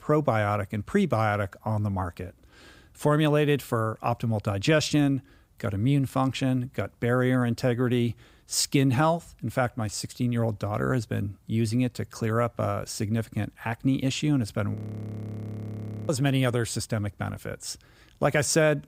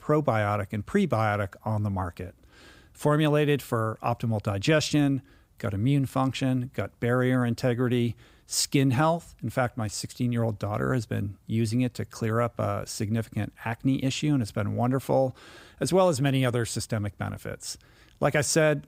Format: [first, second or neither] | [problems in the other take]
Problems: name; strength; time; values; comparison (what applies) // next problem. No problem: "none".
second | audio freezing; at 15 s for 1.5 s